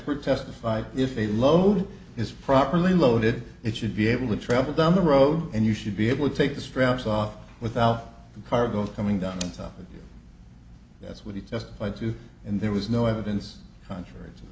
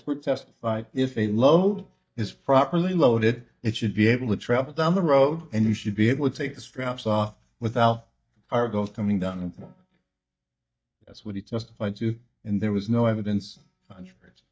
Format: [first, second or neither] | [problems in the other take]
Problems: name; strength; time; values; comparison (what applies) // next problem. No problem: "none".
first | noise reduction (neural mask model DeepFilterNet 3)